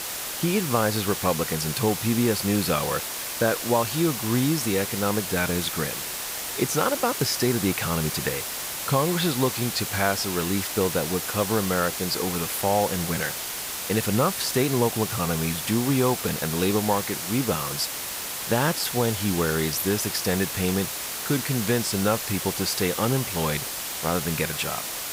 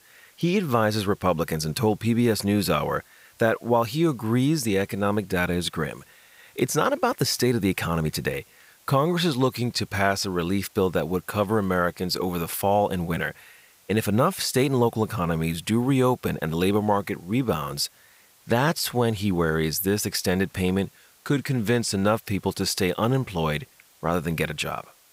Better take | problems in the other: second | hiss; loud; throughout; 3 dB below the speech; faint in the second

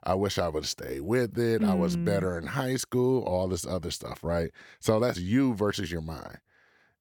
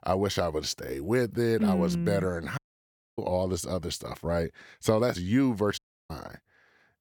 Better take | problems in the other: first | audio cutting out; at 2.5 s for 0.5 s and at 6 s

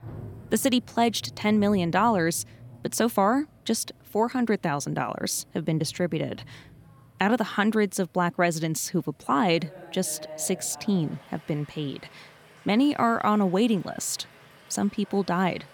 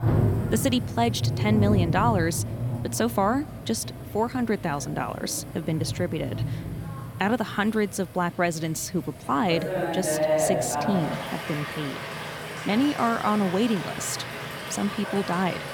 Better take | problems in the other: first | rain or running water; loud; throughout; 3 dB below the speech; faint in the first

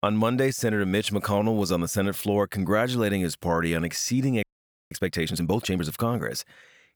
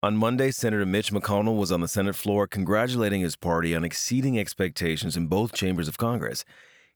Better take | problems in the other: second | audio freezing; at 4.5 s

